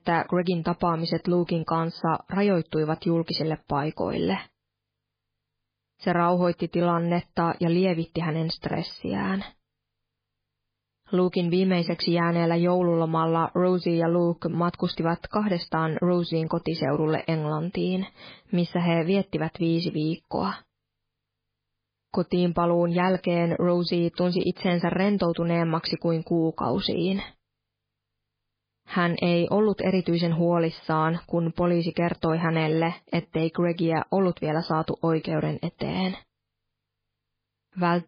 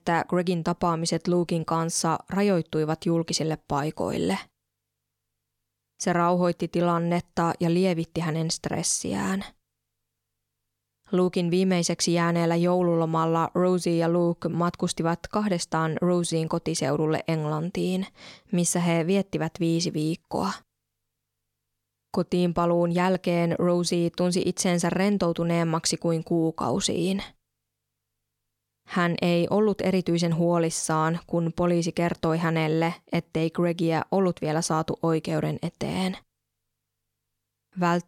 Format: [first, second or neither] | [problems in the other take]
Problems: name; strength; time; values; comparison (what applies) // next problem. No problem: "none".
second | garbled, watery; badly